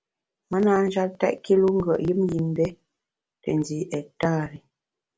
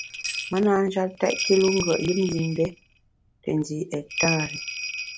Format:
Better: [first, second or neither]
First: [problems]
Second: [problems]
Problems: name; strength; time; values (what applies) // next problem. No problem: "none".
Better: first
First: none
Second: background sound (Bell); 8 dB below the speech